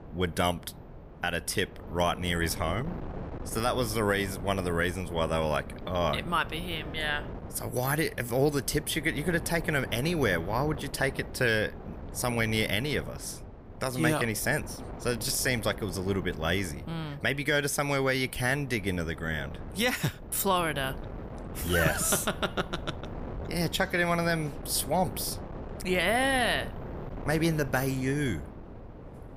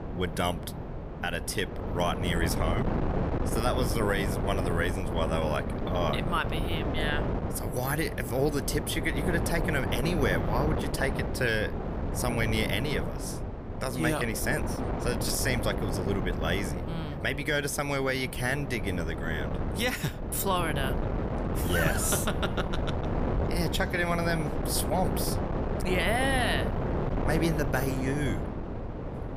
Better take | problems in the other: first | wind noise on the microphone; heavy; 5 dB below the speech; occasional gusts in the first

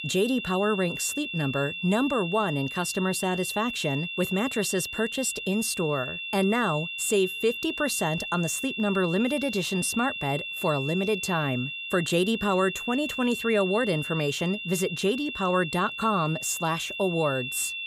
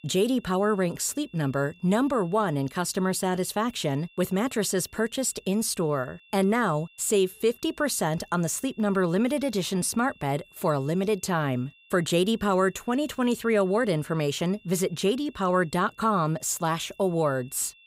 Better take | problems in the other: second | high-pitched whine; loud; throughout; 2.5 kHz, 6 dB below the speech; faint in the second

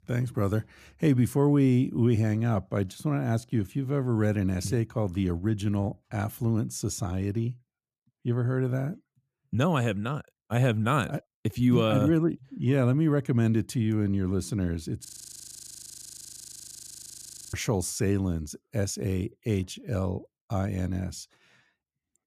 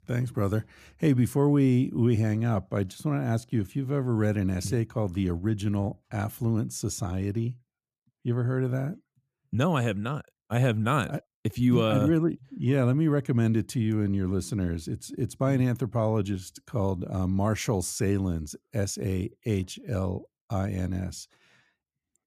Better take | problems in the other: second | audio freezing; at 15 s for 2.5 s

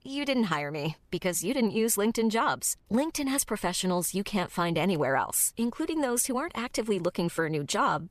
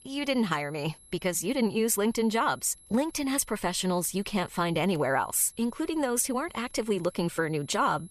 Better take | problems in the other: first | high-pitched whine; faint; throughout; 11 kHz, 25 dB below the speech

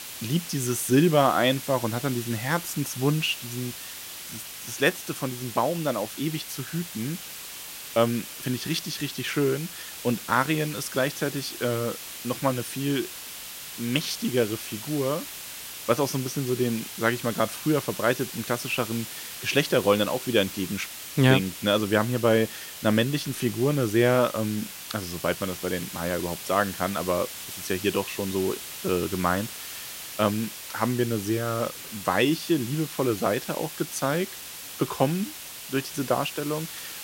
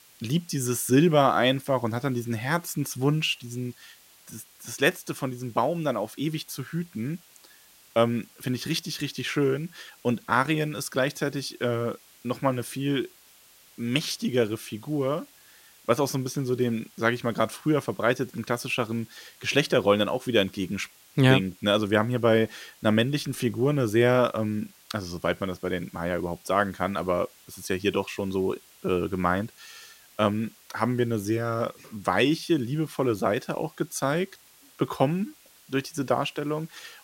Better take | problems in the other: second | hiss; loud; throughout; 9 dB below the speech; faint in the second

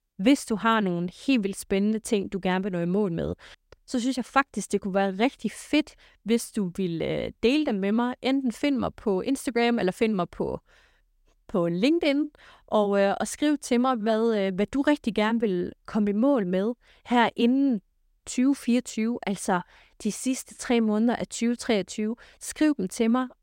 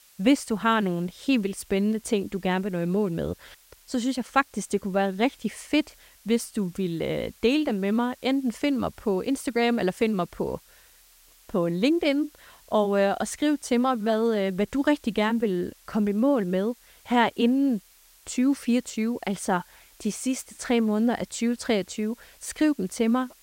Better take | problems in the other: first | hiss; faint; throughout; 30 dB below the speech

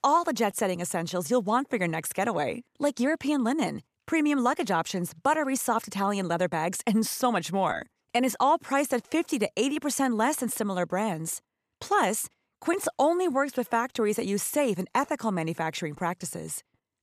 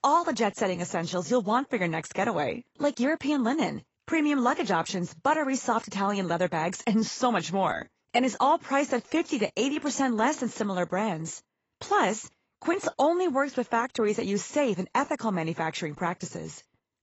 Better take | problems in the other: first | garbled, watery; badly; nothing above 7.5 kHz

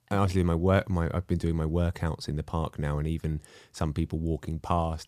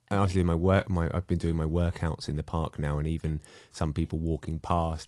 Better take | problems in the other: first | garbled, watery; slightly

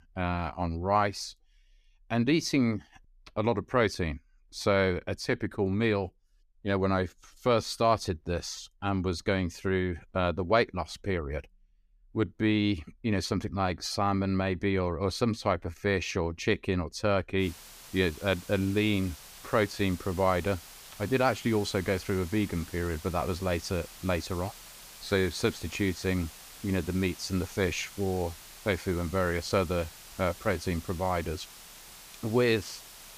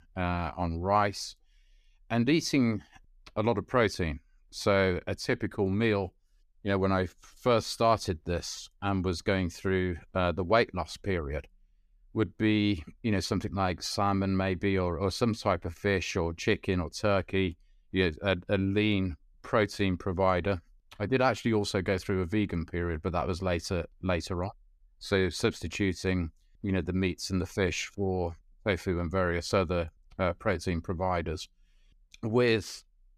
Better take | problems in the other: second | hiss; noticeable; from 17 s on; 15 dB below the speech

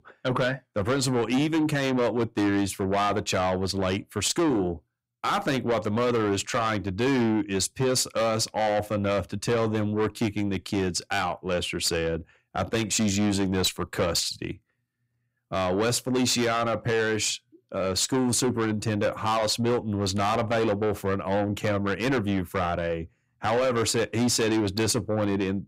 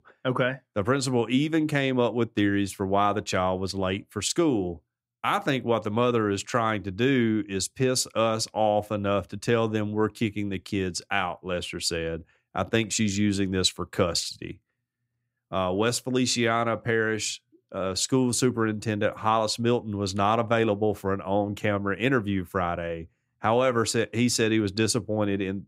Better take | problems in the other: second | distortion; heavy; 7 dB below the speech

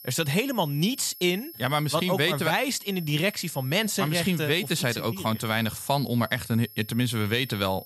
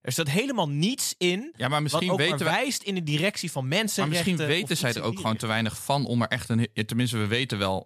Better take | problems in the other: second | high-pitched whine; noticeable; throughout; 11.5 kHz, 15 dB below the speech

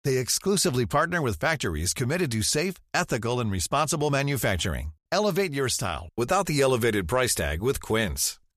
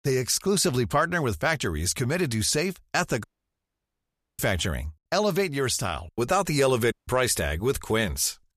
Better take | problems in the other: first | audio cutting out; at 3 s for 1 s and at 7 s

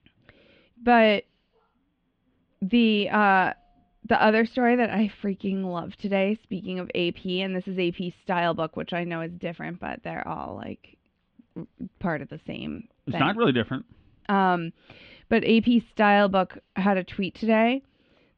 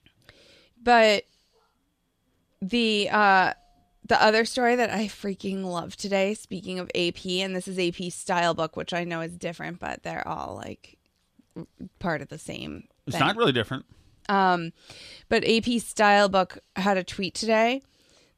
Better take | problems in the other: second | muffled; slightly; fading above 3 kHz

